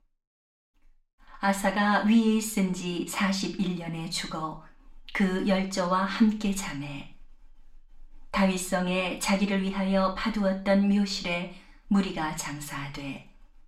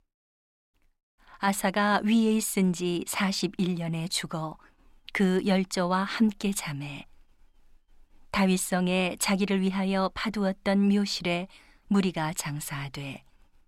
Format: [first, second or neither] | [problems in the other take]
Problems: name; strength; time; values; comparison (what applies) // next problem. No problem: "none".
second | room echo; slight; dies away in 0.4 s // off-mic speech; far